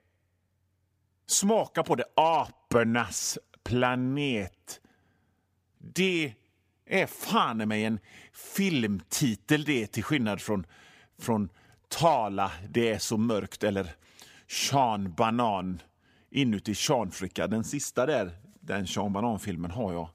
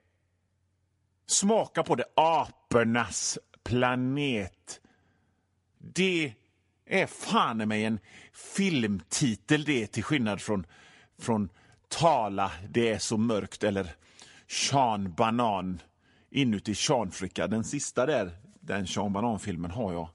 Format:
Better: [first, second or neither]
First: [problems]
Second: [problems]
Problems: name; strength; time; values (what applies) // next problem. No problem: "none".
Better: first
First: none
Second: garbled, watery; slightly; nothing above 11 kHz